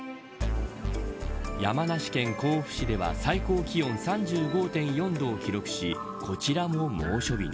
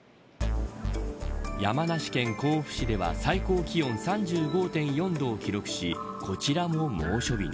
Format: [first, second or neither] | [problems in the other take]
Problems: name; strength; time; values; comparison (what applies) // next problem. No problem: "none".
second | background sound (Wind instrument, woodwind instrument + Bowed string instrument); 16 dB below the speech